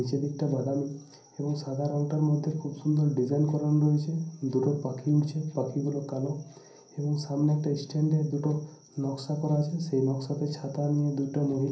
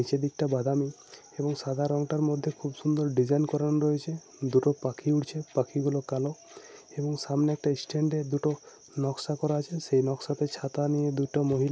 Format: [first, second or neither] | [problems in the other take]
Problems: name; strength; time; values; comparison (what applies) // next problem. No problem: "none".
second | room echo; dies away in 0.6 s